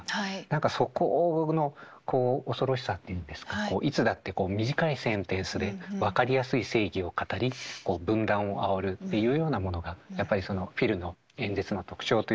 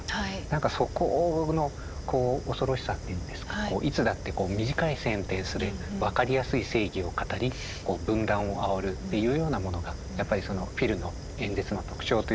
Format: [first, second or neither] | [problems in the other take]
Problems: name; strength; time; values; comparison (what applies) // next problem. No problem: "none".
first | background sound (Fire); 9 dB below the speech